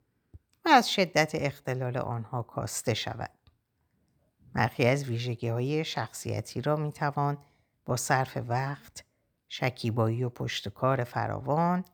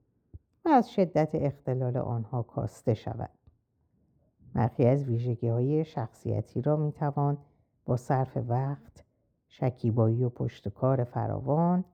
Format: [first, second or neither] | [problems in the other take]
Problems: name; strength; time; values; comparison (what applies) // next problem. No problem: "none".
first | muffled; very; fading above 1 kHz